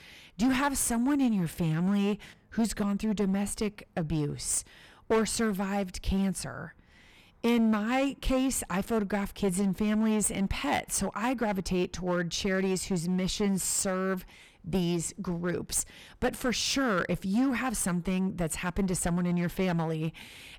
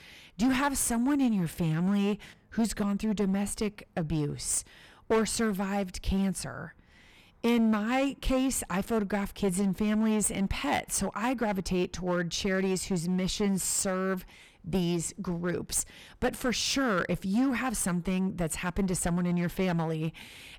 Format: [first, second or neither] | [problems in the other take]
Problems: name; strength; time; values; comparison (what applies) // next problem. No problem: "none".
neither | distortion; slight; 8% of the sound clipped; the same in both